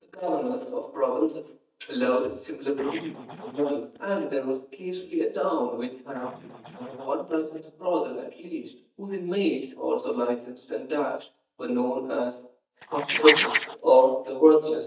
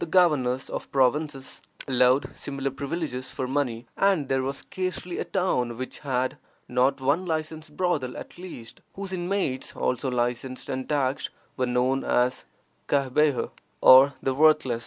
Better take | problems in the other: second | noise reduction (neural mask model DeepFilterNet 3)

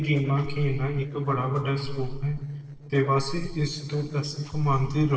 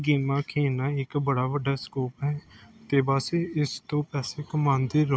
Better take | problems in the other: second | noise reduction (neural separator model SepFormer DNS4)

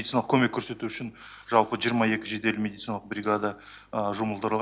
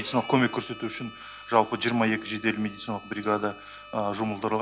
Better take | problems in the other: first | background sound (Bowed string instrument + Wind instrument, woodwind instrument); 17 dB below the speech

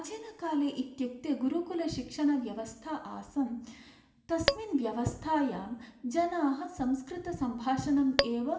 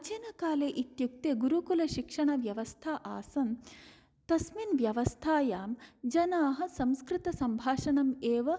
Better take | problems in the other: second | background sound (Tap / Glass); 2 dB above the speech // room echo; dies away in 1 s

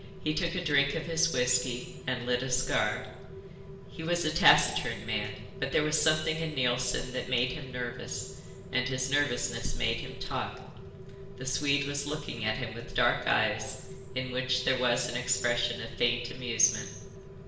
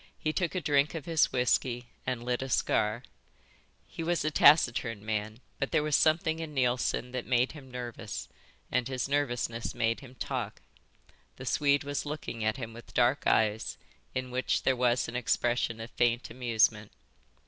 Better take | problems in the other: second | background sound (Rain); 13 dB below the speech // room echo; dies away in 0.9 s

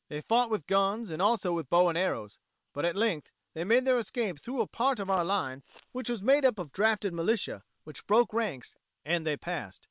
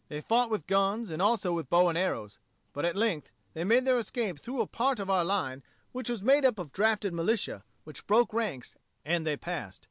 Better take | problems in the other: second | noise reduction (neural separator model SepFormer WHAM!)

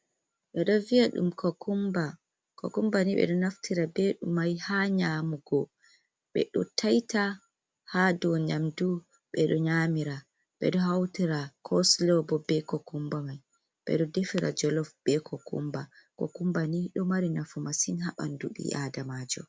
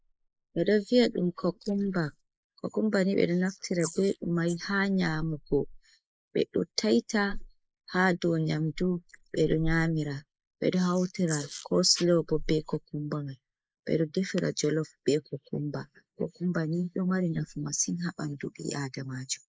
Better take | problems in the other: first | noise reduction (neural mask model Resemble Enhance denoiser)

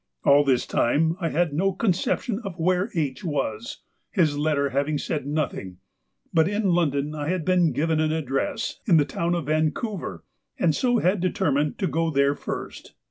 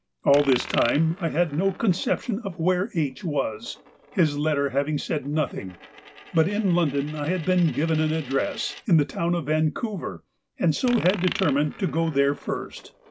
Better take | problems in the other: first | background sound (Coin (dropping)); 17 dB below the speech

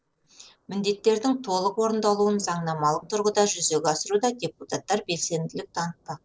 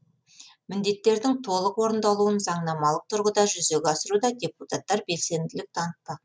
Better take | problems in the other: second | noise reduction (neural separator model SepFormer DNS4)

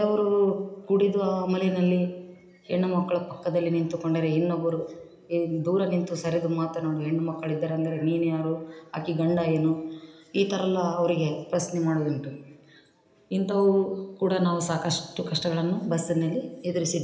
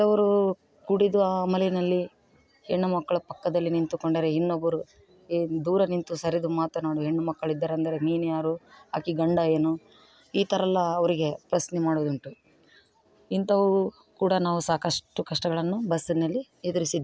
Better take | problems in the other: second | room echo; dies away in 1 s

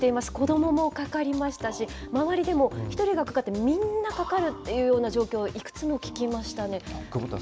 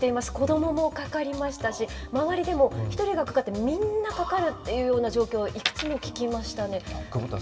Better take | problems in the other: first | background sound (Coin (dropping)); 9 dB below the speech // room echo; dies away in 0.8 s

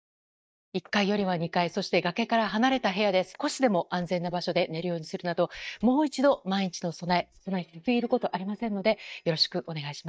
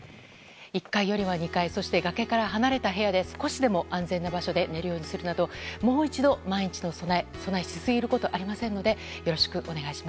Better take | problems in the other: second | noise reduction (neural mask model DeepFilterNet 3)

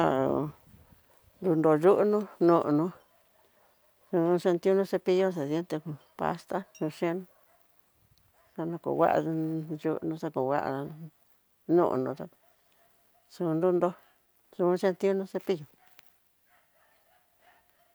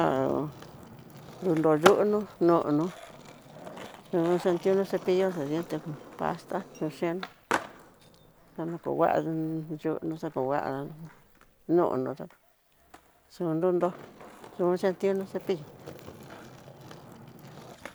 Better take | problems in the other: first | background sound (Skateboard); 11 dB below the speech

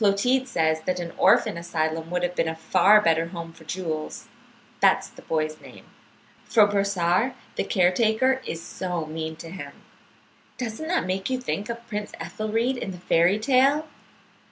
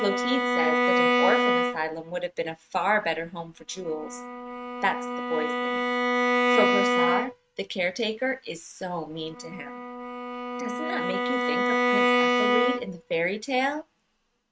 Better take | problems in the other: first | noise reduction (neural mask model RNNoise)

